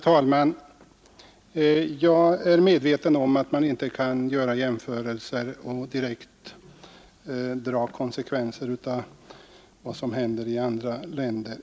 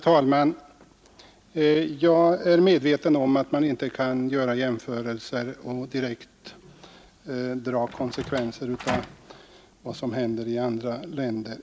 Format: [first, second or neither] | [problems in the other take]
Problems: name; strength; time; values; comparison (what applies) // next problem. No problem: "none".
first | background sound (Door); 11 dB below the speech